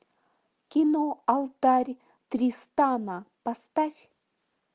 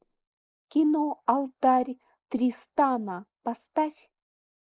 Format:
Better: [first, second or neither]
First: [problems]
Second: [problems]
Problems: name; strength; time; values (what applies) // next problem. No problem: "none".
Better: first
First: none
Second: noise reduction (neural mask model Resemble Enhance denoiser)